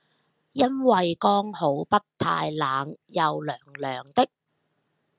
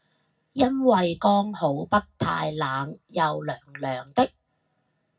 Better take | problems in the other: first | room echo; dies away in 0.4 s

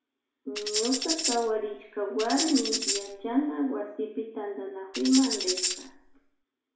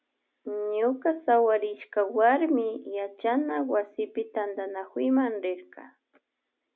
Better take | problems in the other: second | background sound (Tambourine); 2 dB below the speech // room echo; dies away in 0.6 s

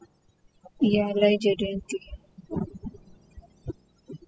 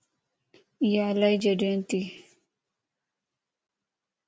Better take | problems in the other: second | noise reduction (classical method spectral subtraction)

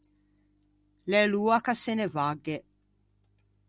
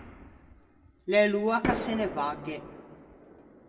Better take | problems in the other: first | background sound (Fireworks); 8 dB below the speech // room echo; dies away in 1.1 s

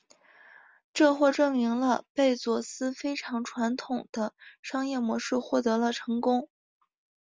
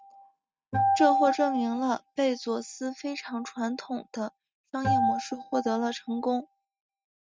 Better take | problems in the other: first | noise reduction (neural mask model RNNoise)

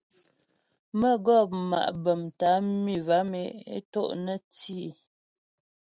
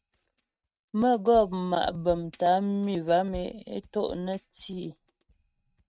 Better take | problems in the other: first | noise reduction (neural mask model RNNoise)

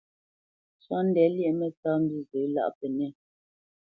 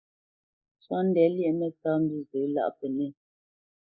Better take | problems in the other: first | noise reduction (neural mask model Resemble Enhance denoiser)

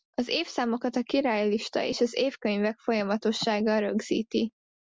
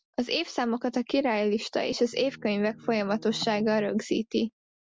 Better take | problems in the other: first | background sound (Bass guitar); 20 dB below the speech

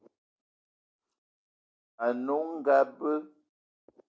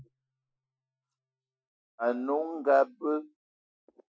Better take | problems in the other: first | noise reduction (classical method Wiener filter)

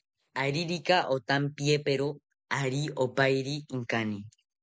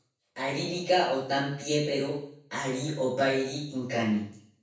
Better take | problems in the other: first | room echo; dies away in 0.6 s

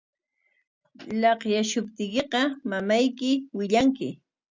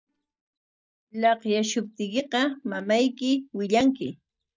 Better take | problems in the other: first | noise reduction (neural mask model DeepFilterNet 3)

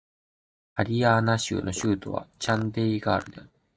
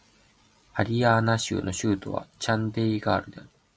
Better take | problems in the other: second | noise reduction (neural mask model DeepFilterNet 3)

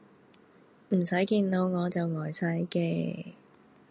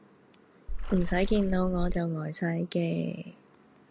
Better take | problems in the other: first | background sound (Water / Splash, splatter); as loud as the speech

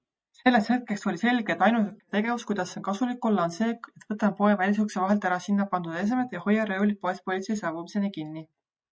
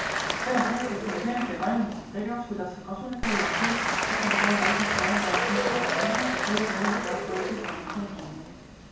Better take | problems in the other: first | background sound (Applause / Crowd); 2 dB above the speech // room echo; dies away in 0.6 s

